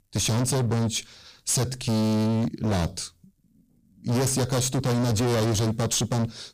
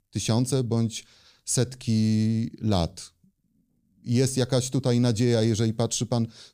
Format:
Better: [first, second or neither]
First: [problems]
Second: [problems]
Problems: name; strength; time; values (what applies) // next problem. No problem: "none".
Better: second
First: distortion; heavy; 30% of the sound clipped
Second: none